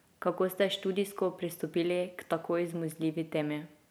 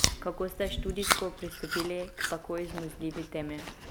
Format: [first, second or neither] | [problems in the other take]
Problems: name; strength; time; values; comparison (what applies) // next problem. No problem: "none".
first | background sound (Chewing, mastication); 1 dB above the speech